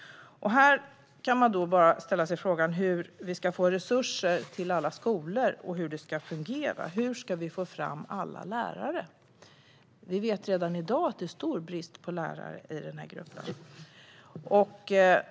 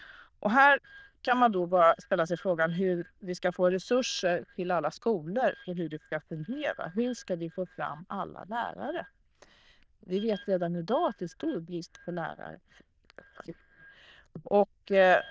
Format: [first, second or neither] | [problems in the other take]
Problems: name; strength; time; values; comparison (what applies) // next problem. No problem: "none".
first | noise reduction (neural diffusion model UNIVERSE++)